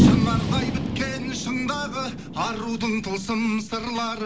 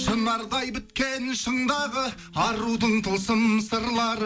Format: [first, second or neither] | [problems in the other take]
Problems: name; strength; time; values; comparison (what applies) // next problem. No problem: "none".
second | background sound (Fireworks); 2 dB above the speech